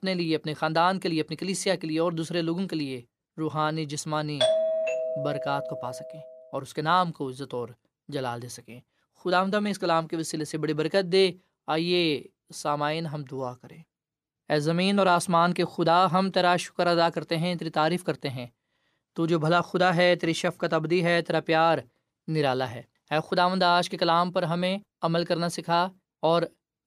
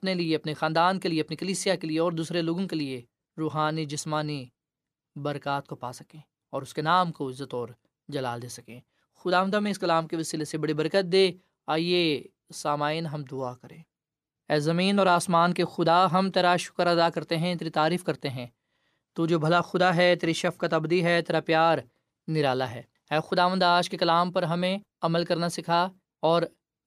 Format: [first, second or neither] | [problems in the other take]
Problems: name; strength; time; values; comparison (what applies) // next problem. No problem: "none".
second | doorbell; loud; from 4.5 to 6 s; peak 2 dB above the speech